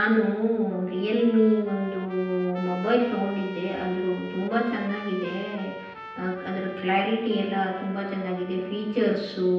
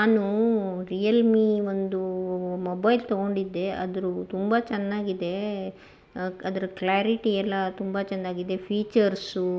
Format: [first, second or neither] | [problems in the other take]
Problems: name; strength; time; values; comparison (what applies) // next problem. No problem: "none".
second | background sound (Trumpet); 17 dB below the speech // room echo; dies away in 0.9 s